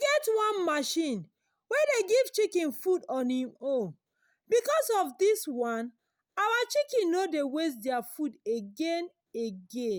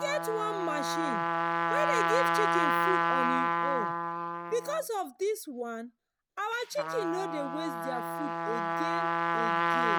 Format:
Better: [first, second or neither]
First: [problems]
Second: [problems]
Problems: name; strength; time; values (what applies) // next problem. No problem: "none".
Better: first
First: none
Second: background sound (Trumpet); 4 dB above the speech